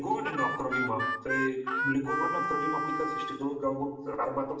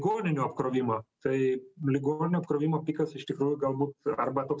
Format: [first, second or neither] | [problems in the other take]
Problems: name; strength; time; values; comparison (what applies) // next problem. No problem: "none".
second | background sound (Harmonica); as loud as the speech // room echo; dies away in 0.7 s